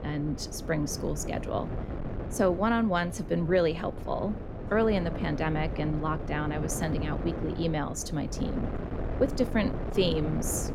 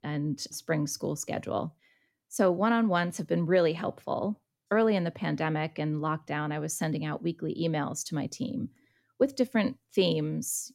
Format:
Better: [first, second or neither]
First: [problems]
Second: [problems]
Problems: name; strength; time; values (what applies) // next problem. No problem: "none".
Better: second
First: wind noise on the microphone; heavy; 10 dB below the speech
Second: none